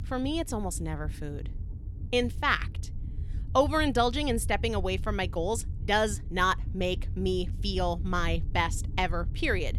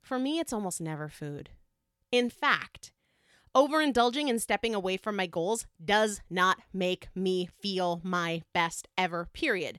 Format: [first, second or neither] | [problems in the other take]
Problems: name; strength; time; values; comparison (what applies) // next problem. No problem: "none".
second | low rumble; faint; throughout; 25 dB below the speech